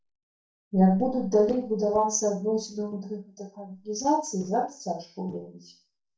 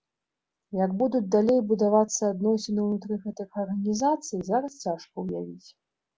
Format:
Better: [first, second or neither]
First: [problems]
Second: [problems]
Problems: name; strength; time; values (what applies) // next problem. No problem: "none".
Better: second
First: noise reduction (neural mask model DeepFilterNet 3)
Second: none